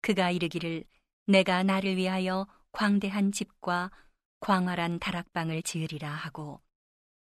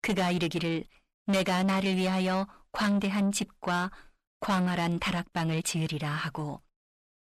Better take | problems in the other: first | distortion; heavy; 8 dB below the speech

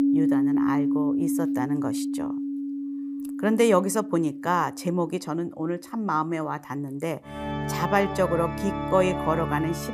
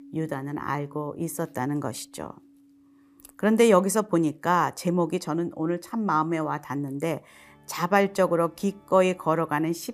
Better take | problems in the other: second | background music; loud; throughout; 1 dB below the speech; faint in the second

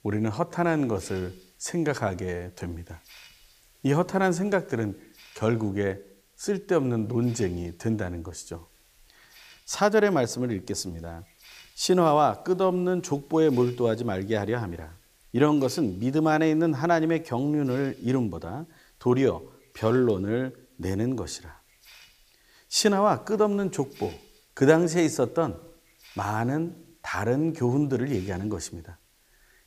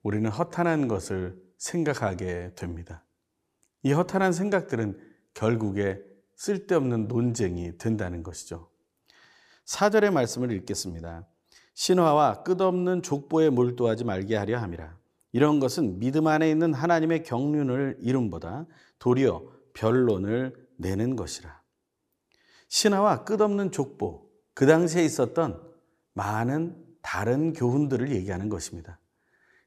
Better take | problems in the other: second | hiss; faint; throughout; 30 dB below the speech

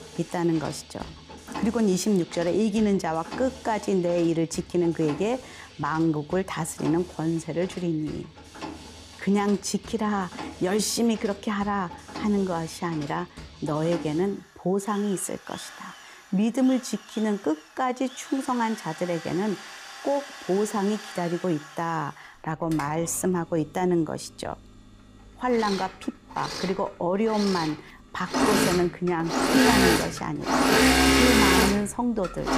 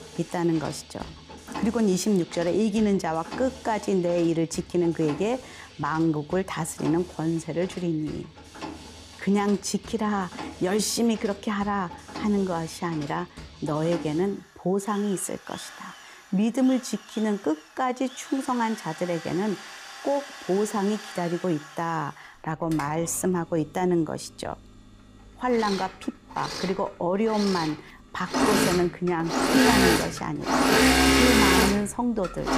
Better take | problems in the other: neither | machinery noise; very loud; throughout; 1 dB above the speech; the same in both

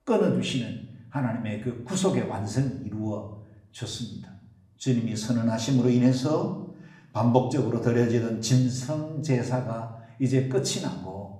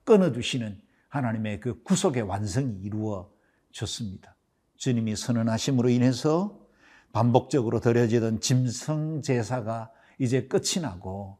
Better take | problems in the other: second | room echo; slight; dies away in 0.6 s // off-mic speech; somewhat distant

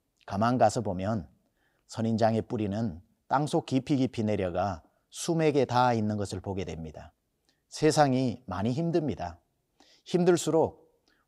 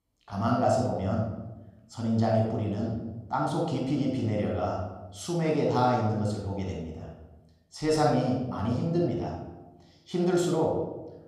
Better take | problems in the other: first | off-mic speech; somewhat distant // room echo; noticeable; dies away in 0.9 s

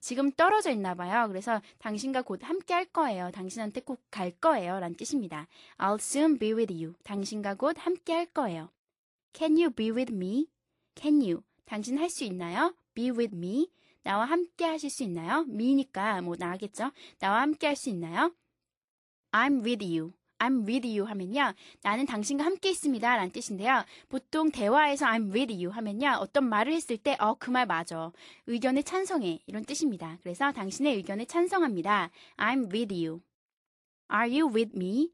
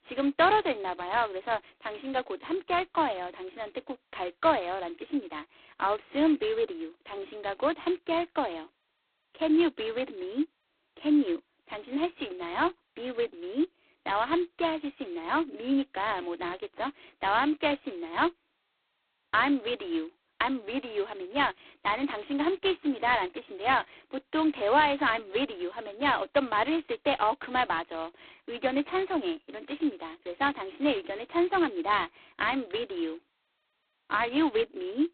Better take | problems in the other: first | phone-call audio; poor line; nothing above 4 kHz

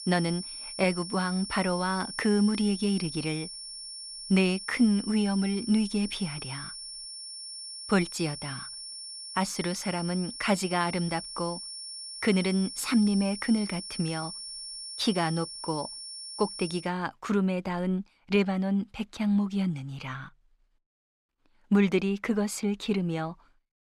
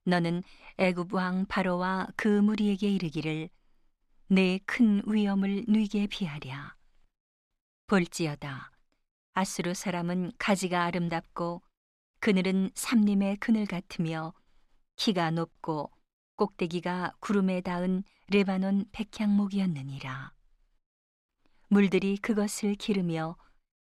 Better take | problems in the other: second | high-pitched whine; loud; until 17 s; 5.5 kHz, 9 dB below the speech

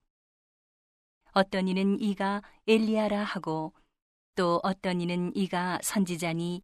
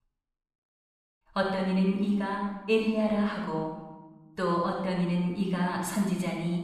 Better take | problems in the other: first | off-mic speech; somewhat distant // room echo; noticeable; dies away in 1 s

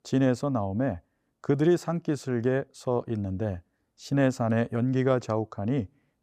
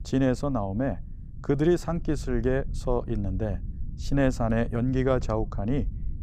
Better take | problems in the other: first | low rumble; faint; throughout; 25 dB below the speech

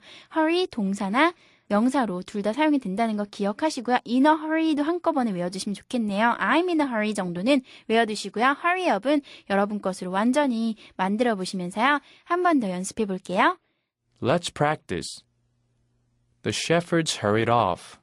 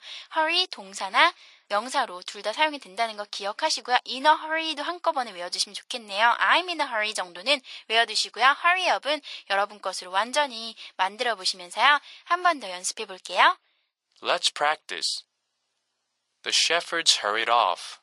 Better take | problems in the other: first | thin; very; fading below 900 Hz

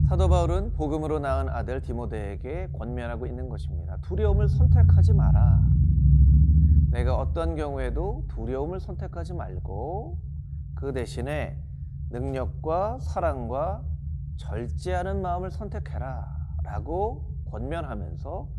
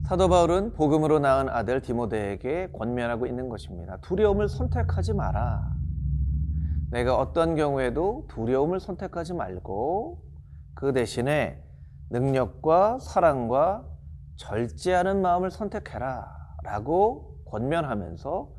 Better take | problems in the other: second | low rumble; loud; throughout; 9 dB below the speech; faint in the second

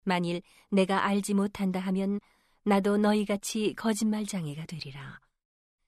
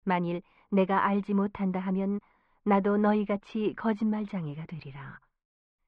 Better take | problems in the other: first | muffled; very; fading above 2 kHz

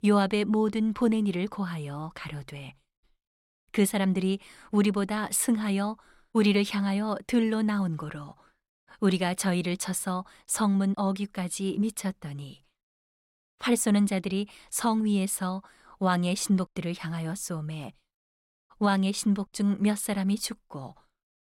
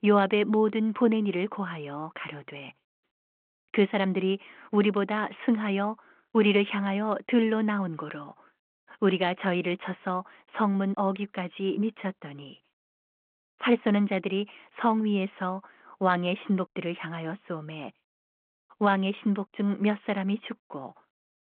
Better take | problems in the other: first | phone-call audio

